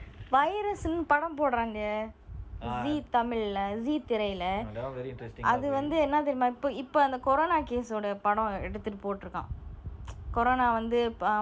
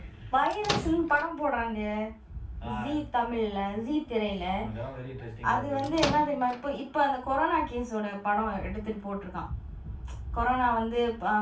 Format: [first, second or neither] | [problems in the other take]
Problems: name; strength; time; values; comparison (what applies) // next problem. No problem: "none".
first | background sound (Microwave oven); 6 dB below the speech // room echo; dies away in 0.3 s